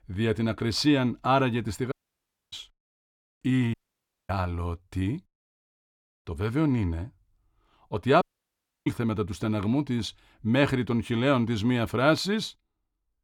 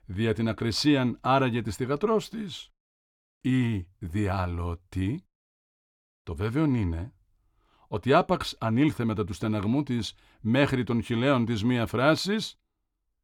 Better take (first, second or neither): second